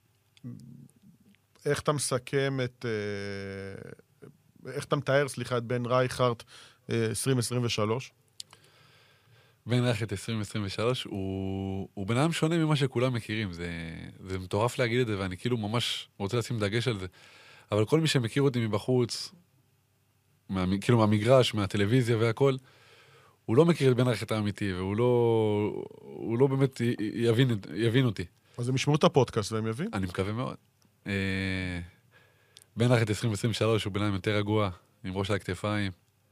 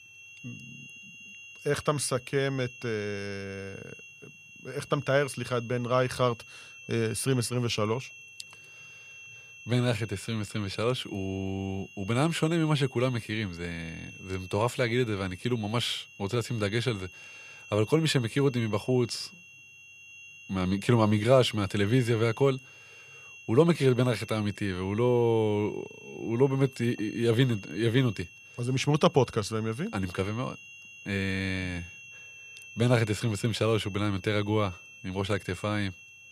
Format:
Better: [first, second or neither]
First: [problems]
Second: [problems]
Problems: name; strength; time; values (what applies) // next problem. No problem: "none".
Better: first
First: none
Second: high-pitched whine; noticeable; throughout; 3 kHz, 20 dB below the speech